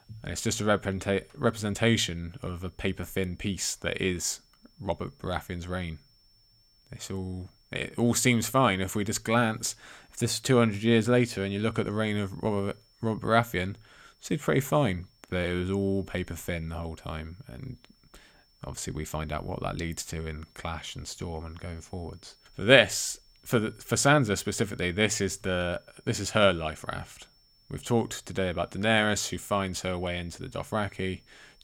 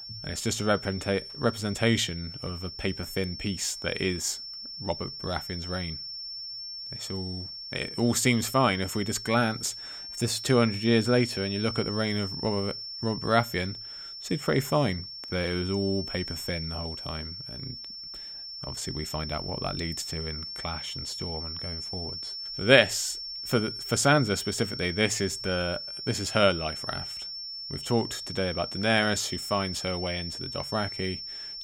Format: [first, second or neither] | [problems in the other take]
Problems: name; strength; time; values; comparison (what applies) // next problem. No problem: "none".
first | high-pitched whine; loud; throughout; 5.5 kHz, 7 dB below the speech; faint in the first